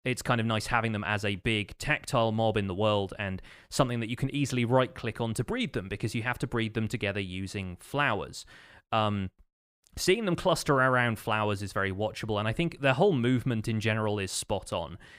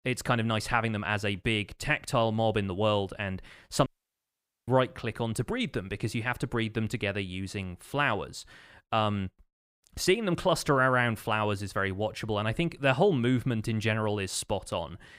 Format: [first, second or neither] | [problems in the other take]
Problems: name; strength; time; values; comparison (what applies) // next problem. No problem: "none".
first | audio cutting out; at 4 s for 1 s